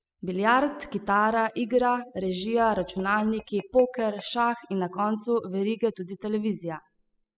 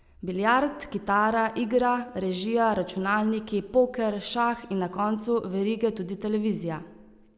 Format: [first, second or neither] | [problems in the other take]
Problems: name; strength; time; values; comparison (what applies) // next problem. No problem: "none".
second | noise reduction (classical method spectral subtraction)